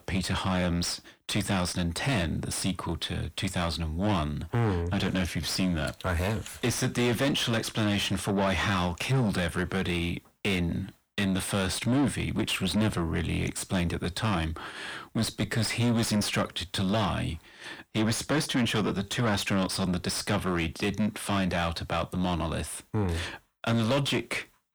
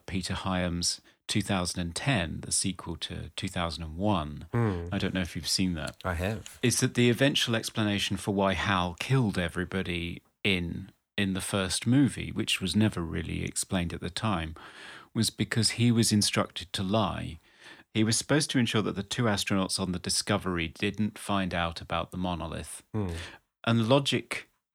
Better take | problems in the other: second | distortion; heavy; 6 dB below the speech

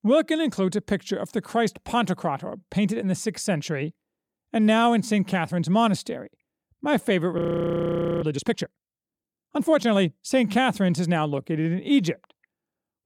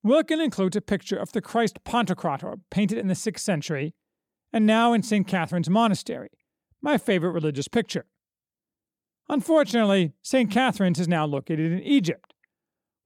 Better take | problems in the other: second | audio freezing; at 7.5 s for 1 s

